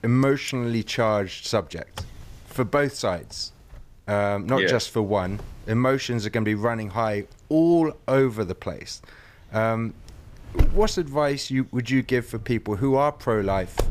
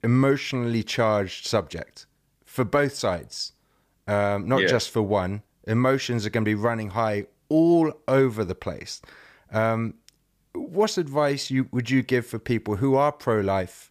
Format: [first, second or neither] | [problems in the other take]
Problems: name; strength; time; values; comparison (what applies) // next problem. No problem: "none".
second | wind noise on the microphone; occasional gusts; 20 dB below the speech